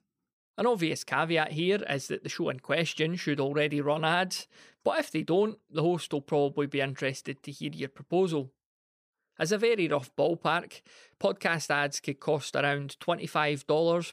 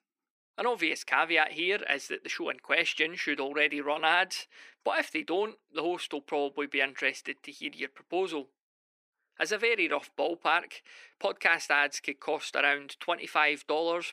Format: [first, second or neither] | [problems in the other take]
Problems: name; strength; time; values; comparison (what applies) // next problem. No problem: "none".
first | thin; somewhat; fading below 300 Hz